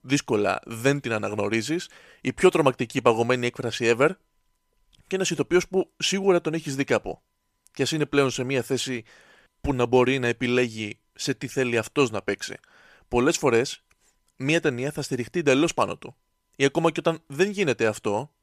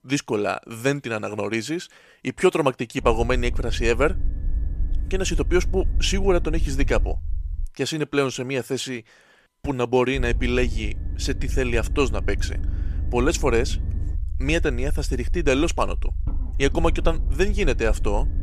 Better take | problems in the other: first | low rumble; faint; from 3 to 7.5 s and from 10 s on; 20 dB below the speech

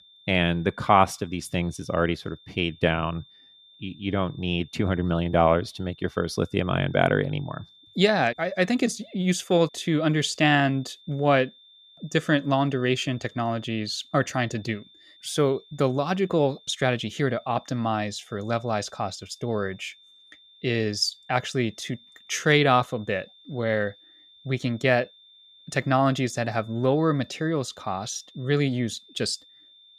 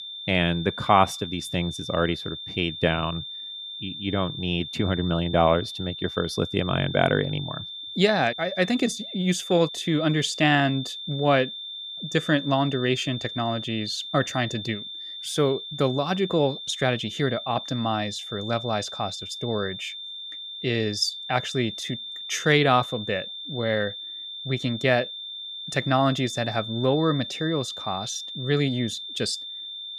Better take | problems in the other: first | high-pitched whine; loud; throughout; 3.5 kHz, 9 dB below the speech; faint in the first

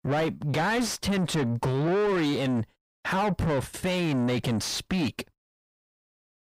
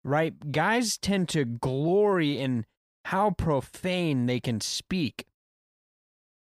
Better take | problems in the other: second | distortion; heavy; 7 dB below the speech

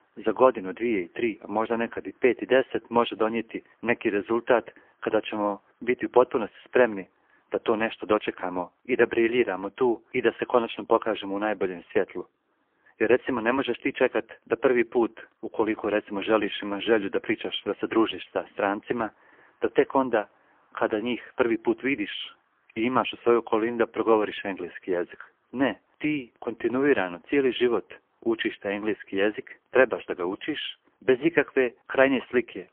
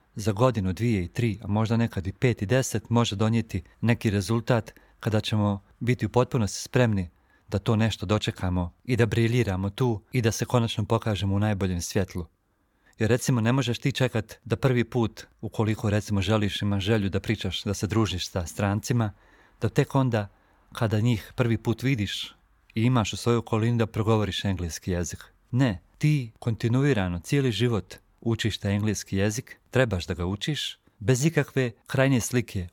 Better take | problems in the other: second | phone-call audio; poor line; nothing above 3.5 kHz

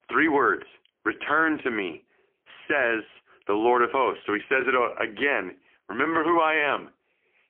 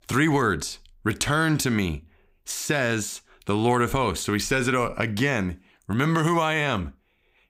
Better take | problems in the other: second | phone-call audio; poor line; nothing above 3 kHz

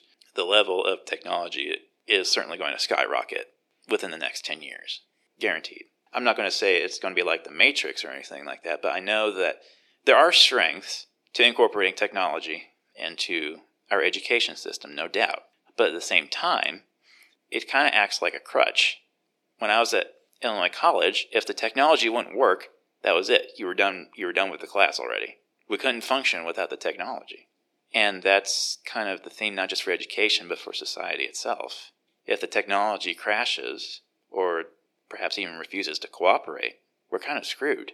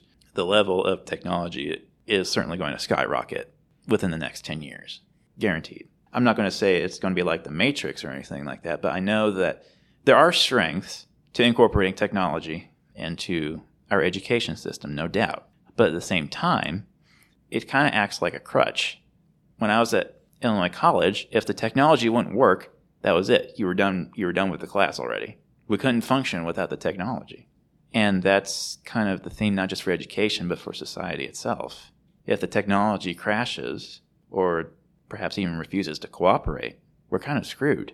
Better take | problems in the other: second | thin; somewhat; fading below 350 Hz

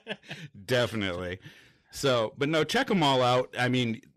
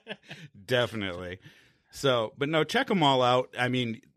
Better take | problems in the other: second | distortion; slight; 10 dB below the speech

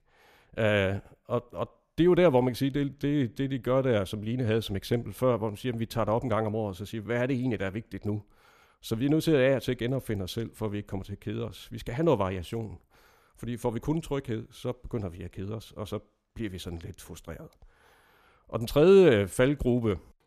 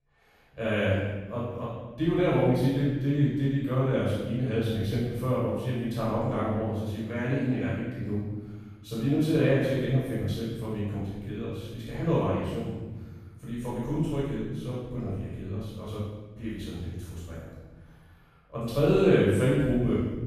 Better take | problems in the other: first | room echo; strong; dies away in 1.4 s // off-mic speech; far

